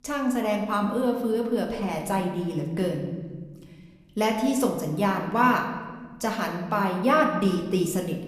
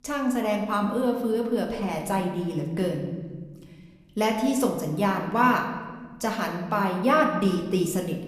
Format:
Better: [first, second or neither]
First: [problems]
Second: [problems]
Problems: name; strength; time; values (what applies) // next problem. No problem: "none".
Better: neither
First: room echo; slight; dies away in 1.2 s // off-mic speech; somewhat distant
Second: room echo; slight; dies away in 1.2 s // off-mic speech; somewhat distant